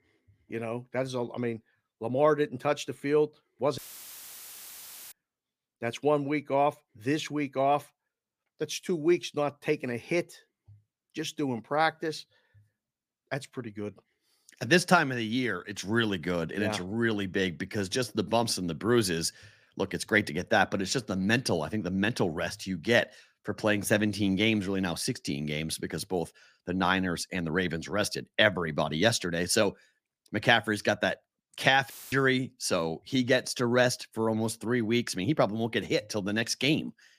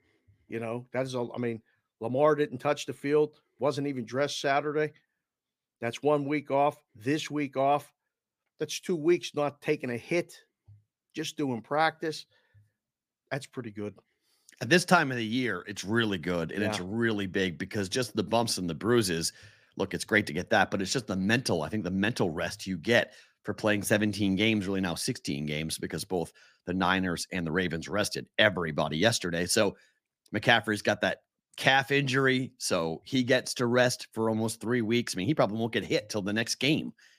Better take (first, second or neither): second